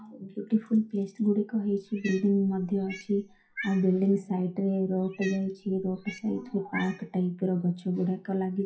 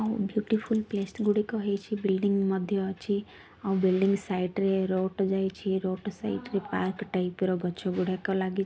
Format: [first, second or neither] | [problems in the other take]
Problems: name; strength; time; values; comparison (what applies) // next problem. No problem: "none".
second | noise reduction (classical method WPE with log-MMSE)